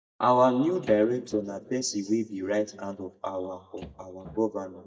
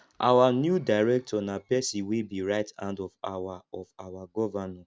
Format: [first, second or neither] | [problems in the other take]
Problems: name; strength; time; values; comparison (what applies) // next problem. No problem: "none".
second | noise reduction (neural mask model DeepFilterNet 3)